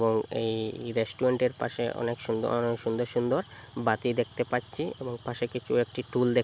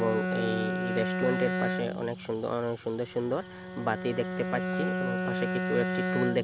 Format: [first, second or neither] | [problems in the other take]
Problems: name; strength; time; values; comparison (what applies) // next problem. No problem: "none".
first | background sound (Bowed string instrument); as loud as the speech